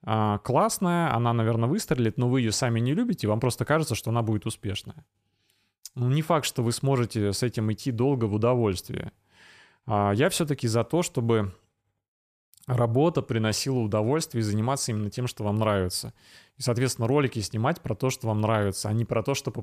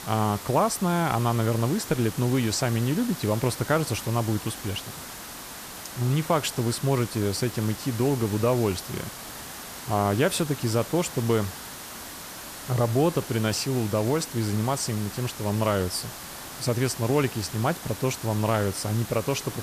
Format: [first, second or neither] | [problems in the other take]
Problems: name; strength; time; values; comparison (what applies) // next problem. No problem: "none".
first | hiss; noticeable; throughout; 10 dB below the speech